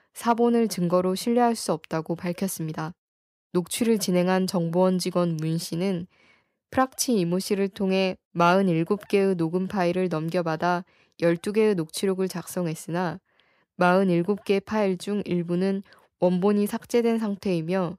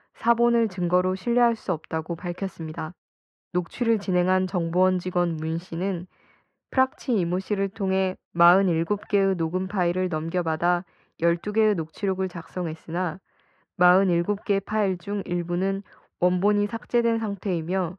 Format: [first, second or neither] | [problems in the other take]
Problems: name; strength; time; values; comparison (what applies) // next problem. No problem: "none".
first | muffled; very; fading above 2.5 kHz